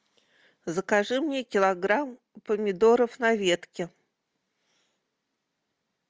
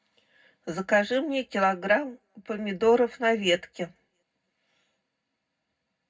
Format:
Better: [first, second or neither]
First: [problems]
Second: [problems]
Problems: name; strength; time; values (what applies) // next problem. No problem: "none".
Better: first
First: none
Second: room echo; dies away in 0.3 s